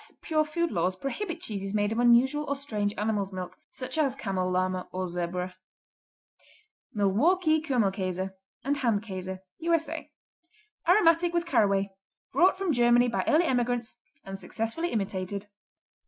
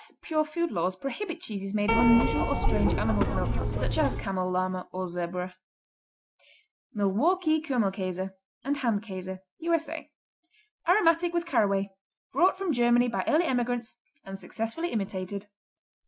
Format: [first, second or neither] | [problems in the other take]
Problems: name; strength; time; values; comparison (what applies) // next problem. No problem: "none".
first | background sound (Keyboard (musical)); 3 dB above the speech